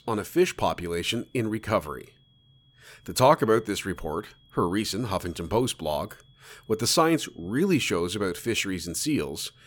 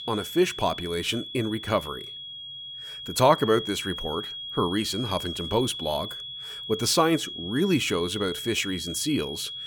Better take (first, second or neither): first